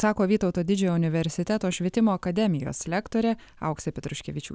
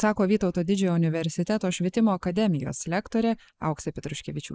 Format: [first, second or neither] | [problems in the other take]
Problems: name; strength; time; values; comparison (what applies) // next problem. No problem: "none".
first | noise reduction (neural mask model Resemble Enhance denoiser)